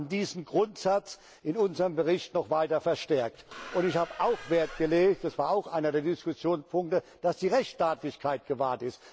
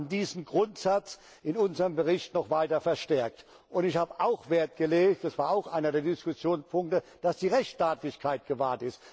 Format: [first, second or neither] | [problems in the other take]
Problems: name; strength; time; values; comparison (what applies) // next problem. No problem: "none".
second | background sound (Squeak); 15 dB below the speech